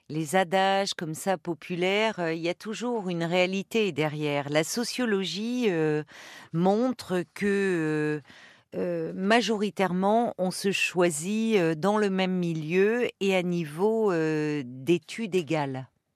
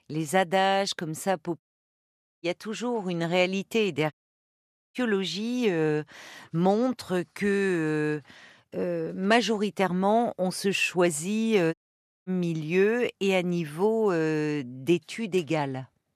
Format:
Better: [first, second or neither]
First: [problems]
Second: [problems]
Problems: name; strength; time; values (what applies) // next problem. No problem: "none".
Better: first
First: none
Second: audio cutting out; at 1.5 s for 1 s, at 4 s for 1 s and at 12 s for 0.5 s